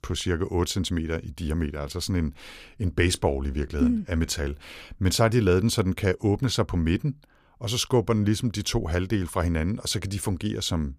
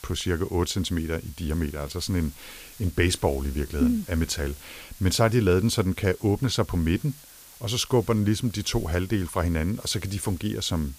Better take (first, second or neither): first